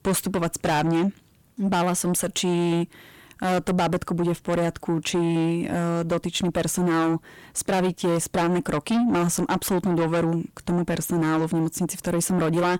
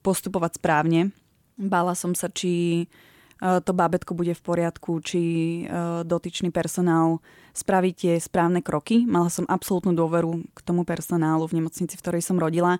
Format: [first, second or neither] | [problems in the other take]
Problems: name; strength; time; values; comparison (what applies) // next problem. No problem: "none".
second | distortion; heavy; 7 dB below the speech